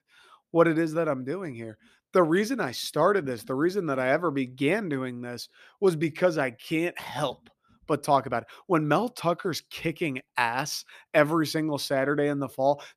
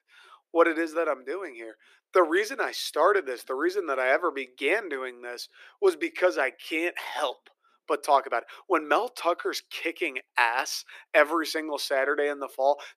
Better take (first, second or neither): first